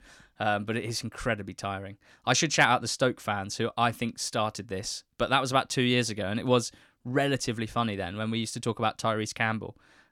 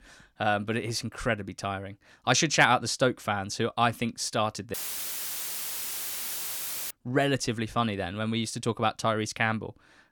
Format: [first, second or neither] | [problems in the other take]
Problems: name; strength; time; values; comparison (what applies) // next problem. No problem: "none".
first | audio cutting out; filled with static; at 4.5 s for 2 s